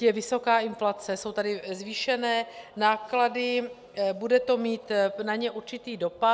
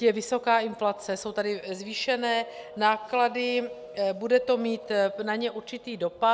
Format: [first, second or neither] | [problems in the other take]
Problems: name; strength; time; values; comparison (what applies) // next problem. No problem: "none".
first | background sound (Telephone); 20 dB below the speech